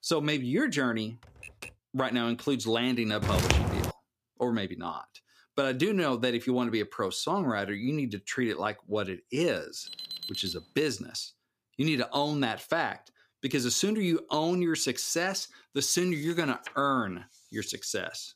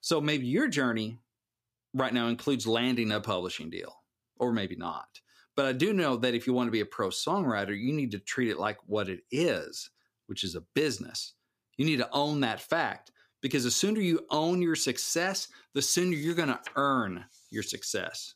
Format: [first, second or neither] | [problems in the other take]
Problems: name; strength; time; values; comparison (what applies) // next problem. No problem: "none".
second | keyboard typing; faint; at 1 s; peak 15 dB below the speech // footsteps; loud; at 3 s; peak 4 dB above the speech // alarm; noticeable; at 10 s; peak 6 dB below the speech